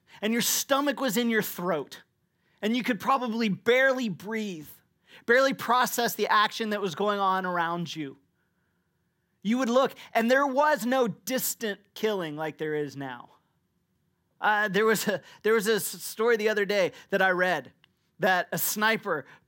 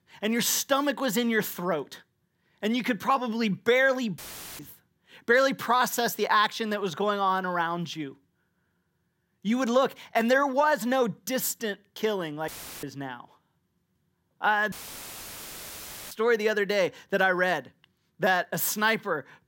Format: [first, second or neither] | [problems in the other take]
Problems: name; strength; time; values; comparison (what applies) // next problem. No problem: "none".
first | audio cutting out; filled with static; at 4 s, at 12 s and at 15 s for 1.5 s